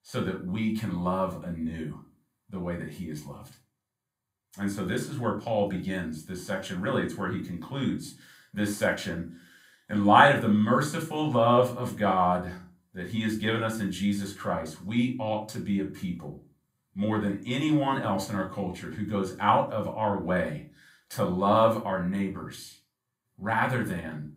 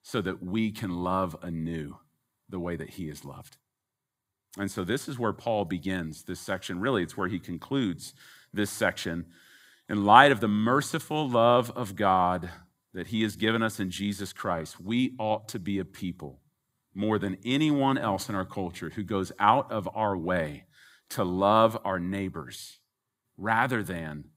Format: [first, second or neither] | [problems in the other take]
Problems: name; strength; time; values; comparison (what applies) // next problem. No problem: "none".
second | off-mic speech; somewhat distant // room echo; very slight; dies away in 0.3 s